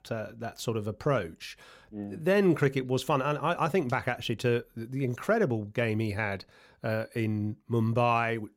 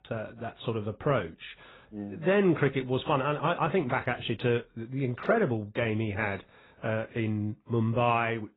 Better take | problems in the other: first | garbled, watery; badly; nothing above 4 kHz

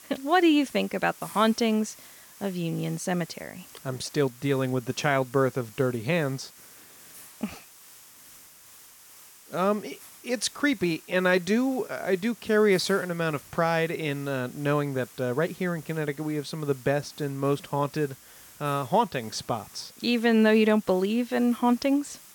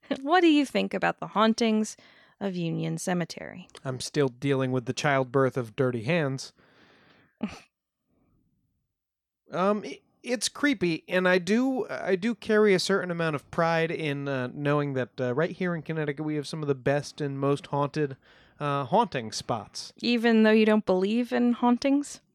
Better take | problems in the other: second | hiss; faint; throughout; 20 dB below the speech

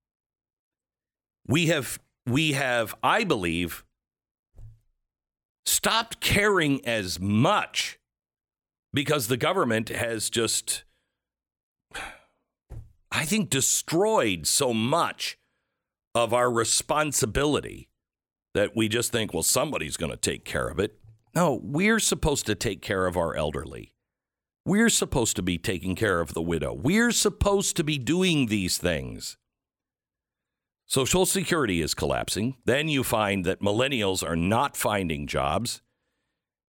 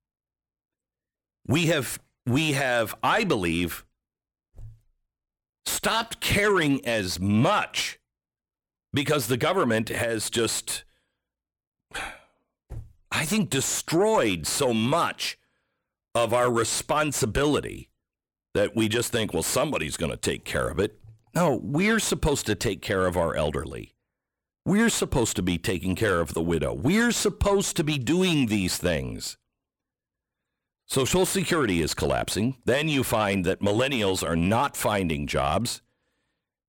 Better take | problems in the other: first | distortion; slight; 10 dB below the speech

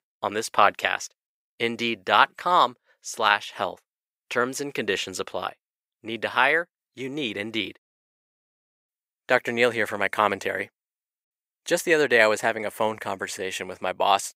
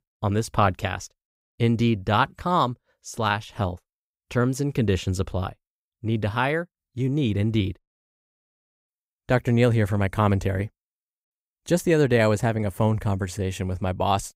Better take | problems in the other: second | thin; very; fading below 450 Hz

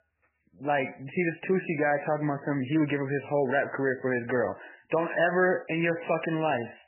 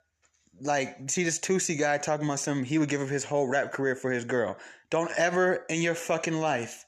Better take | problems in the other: second | garbled, watery; badly; nothing above 3 kHz

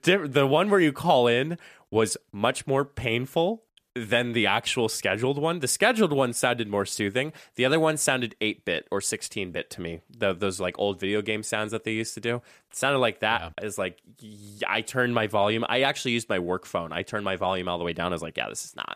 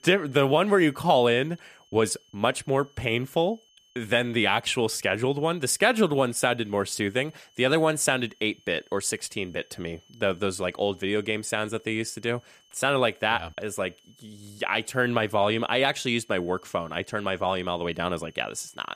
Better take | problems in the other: first | high-pitched whine; faint; throughout; 3 kHz, 30 dB below the speech

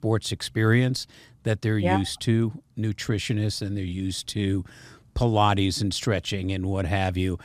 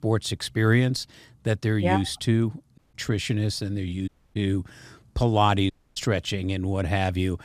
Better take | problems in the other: first | audio cutting out; at 3 s, at 4 s and at 5.5 s

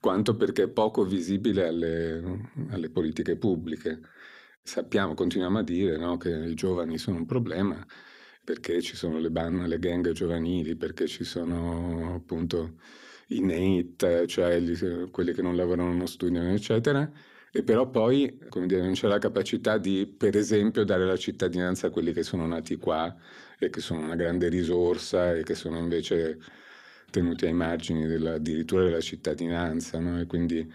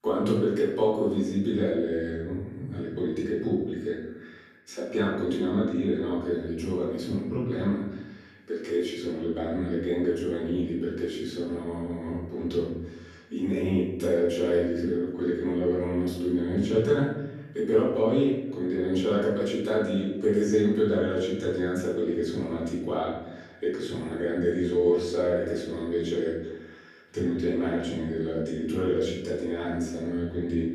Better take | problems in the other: first | off-mic speech; far // room echo; noticeable; dies away in 0.8 s

